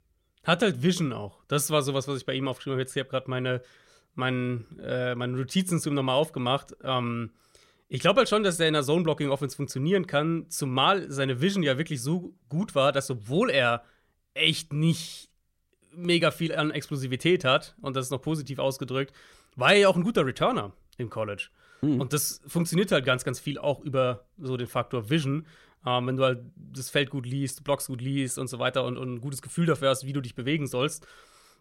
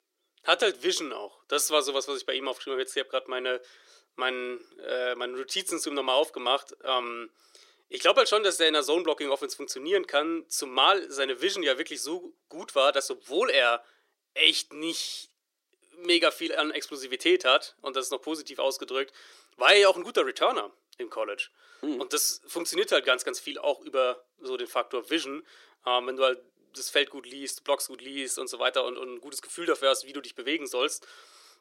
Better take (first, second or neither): first